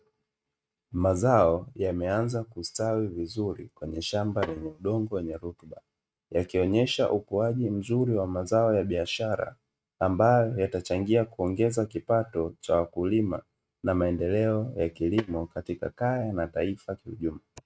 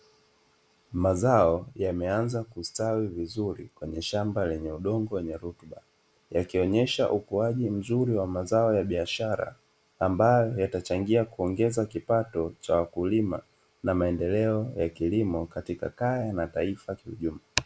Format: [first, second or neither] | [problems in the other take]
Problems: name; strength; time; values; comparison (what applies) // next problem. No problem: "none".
second | noise reduction (neural mask model RNNoise)